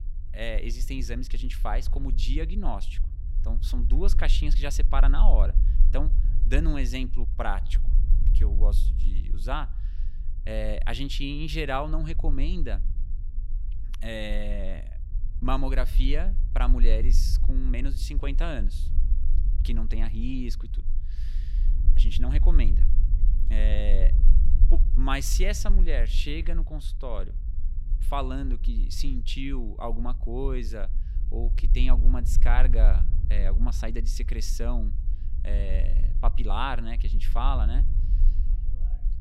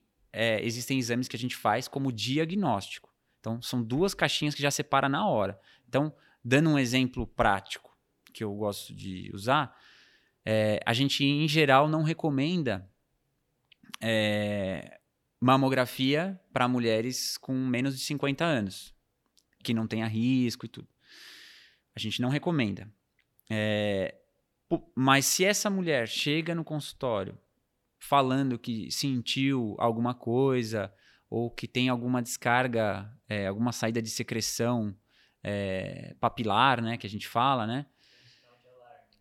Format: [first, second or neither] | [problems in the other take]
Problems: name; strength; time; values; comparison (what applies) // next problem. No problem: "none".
second | low rumble; noticeable; throughout; 15 dB below the speech